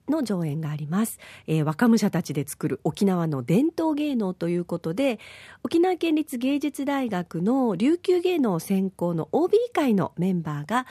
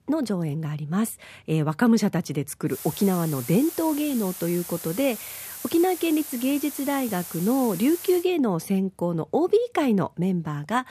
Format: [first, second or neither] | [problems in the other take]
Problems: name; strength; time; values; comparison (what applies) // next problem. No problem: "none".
first | hiss; noticeable; from 2.5 to 8 s; 10 dB below the speech